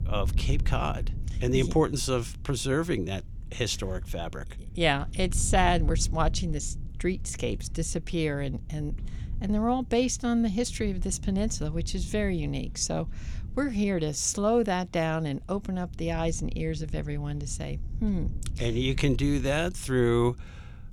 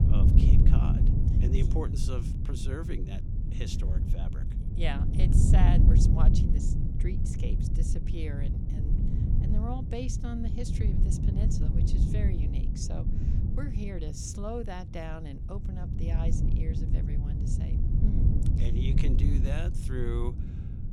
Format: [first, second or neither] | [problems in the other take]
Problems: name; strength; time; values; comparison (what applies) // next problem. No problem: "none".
first | low rumble; loud; throughout; as loud as the speech; faint in the first